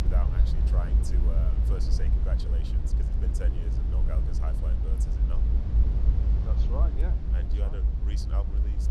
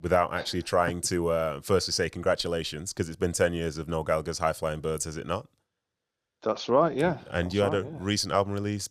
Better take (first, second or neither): second